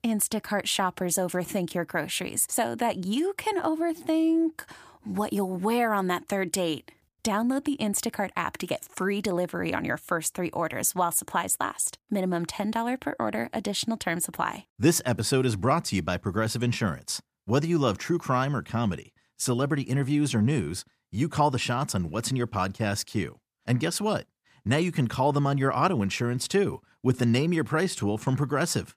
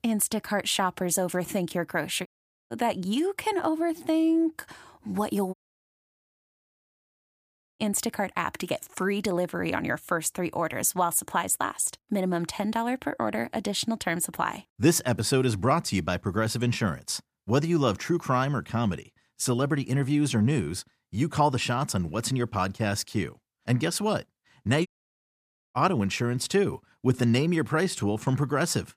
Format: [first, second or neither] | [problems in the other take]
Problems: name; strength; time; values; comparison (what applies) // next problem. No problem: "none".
first | audio cutting out; at 2.5 s, at 5.5 s for 2.5 s and at 25 s for 1 s